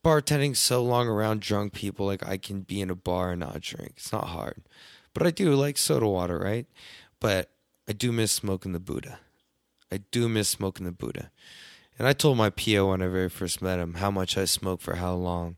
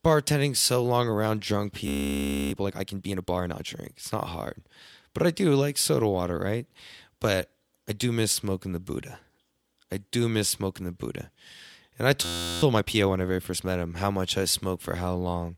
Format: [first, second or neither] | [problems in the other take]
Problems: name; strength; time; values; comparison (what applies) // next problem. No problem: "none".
first | audio freezing; at 2 s for 0.5 s and at 12 s